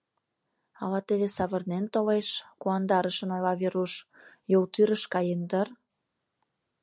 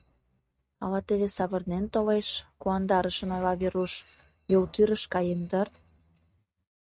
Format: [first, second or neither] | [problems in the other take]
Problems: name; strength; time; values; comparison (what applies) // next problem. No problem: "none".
first | noise reduction (neural mask model RNNoise)